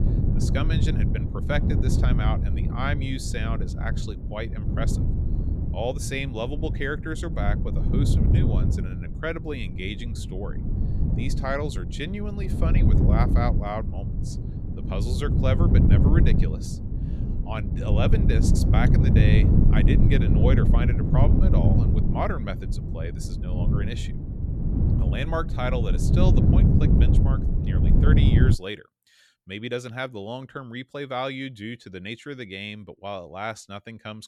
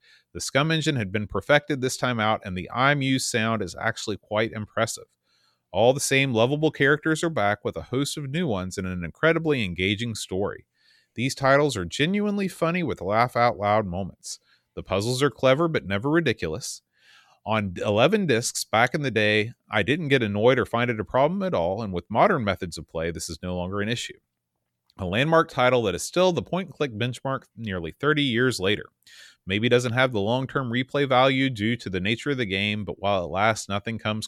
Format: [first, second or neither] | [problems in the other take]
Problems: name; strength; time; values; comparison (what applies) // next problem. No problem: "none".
second | wind noise on the microphone; heavy; until 29 s; 2 dB below the speech